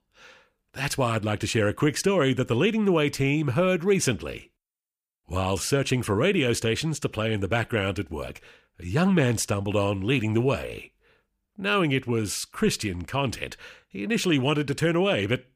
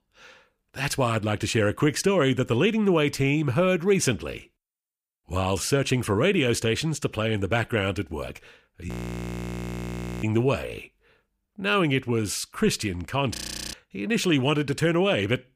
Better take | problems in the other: first | audio freezing; at 9 s for 1.5 s and at 13 s

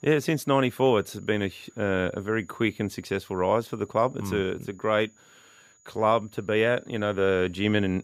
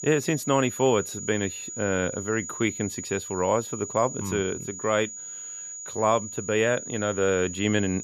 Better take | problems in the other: first | high-pitched whine; loud; throughout; 7 kHz, 8 dB below the speech; faint in the first

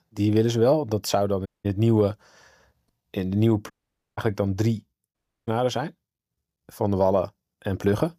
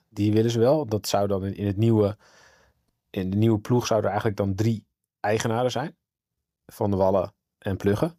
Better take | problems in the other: second | audio cutting out; at 1.5 s, at 3.5 s and at 5 s

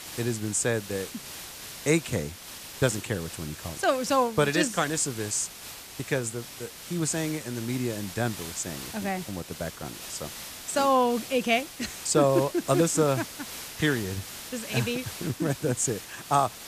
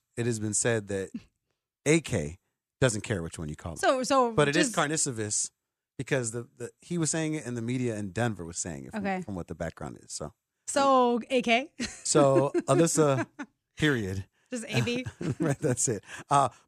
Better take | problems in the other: second | hiss; noticeable; throughout; 10 dB below the speech

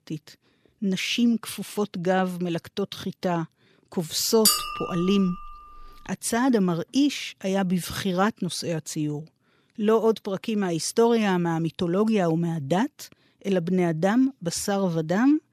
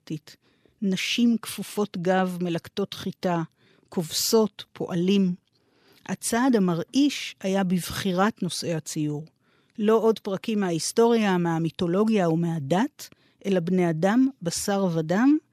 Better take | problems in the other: second | clattering dishes; loud; at 4.5 s; peak 4 dB above the speech

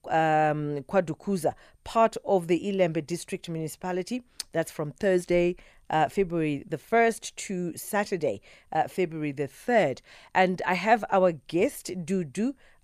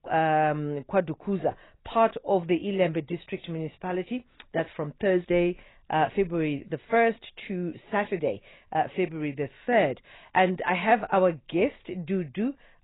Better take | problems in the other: first | garbled, watery; badly; nothing above 4 kHz

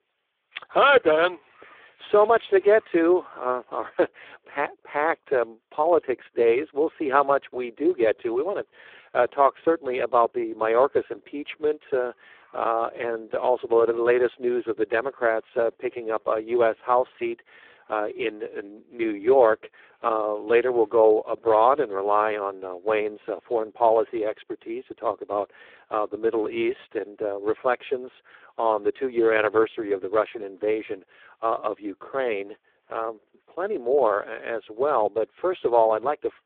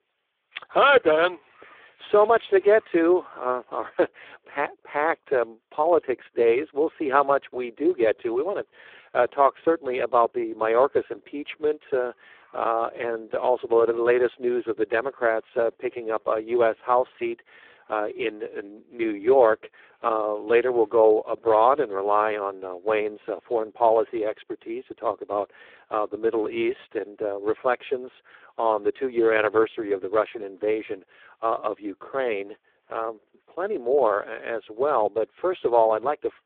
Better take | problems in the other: neither | phone-call audio; poor line; the same in both

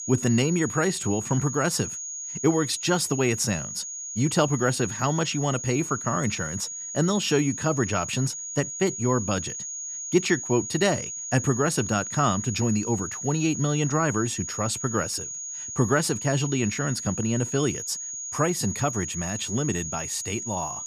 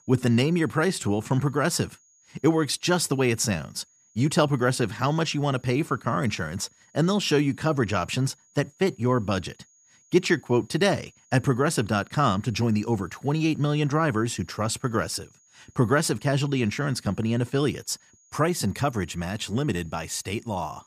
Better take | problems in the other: second | high-pitched whine; loud; throughout; 6.5 kHz, 6 dB below the speech; faint in the second

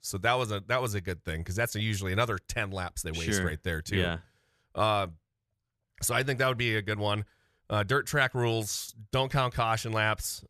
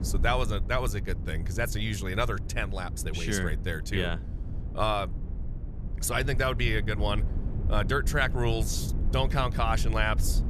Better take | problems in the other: first | low rumble; noticeable; throughout; 15 dB below the speech

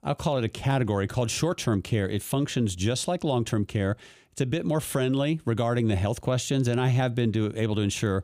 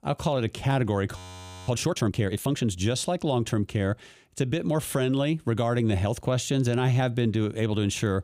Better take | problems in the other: first | audio freezing; at 1 s for 0.5 s

